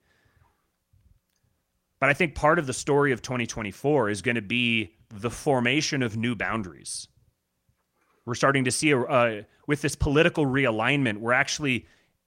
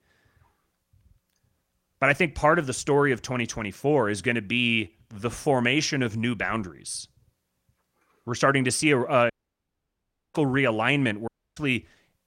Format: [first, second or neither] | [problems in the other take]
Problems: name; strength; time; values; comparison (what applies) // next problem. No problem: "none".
first | audio cutting out; at 9.5 s for 1 s and at 11 s